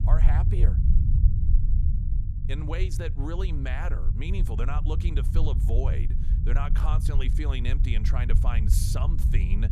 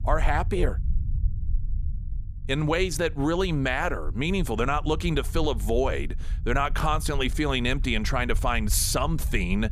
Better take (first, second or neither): second